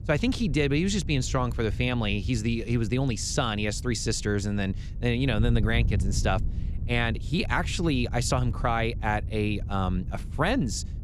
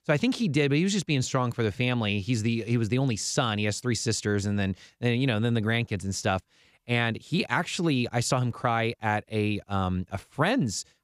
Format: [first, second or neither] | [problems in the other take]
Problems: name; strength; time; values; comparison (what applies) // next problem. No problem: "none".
second | wind noise on the microphone; occasional gusts; 20 dB below the speech